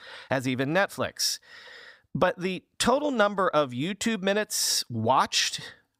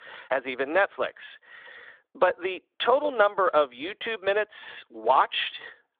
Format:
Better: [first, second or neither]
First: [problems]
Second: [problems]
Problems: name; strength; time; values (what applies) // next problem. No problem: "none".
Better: first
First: none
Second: phone-call audio; nothing above 3.5 kHz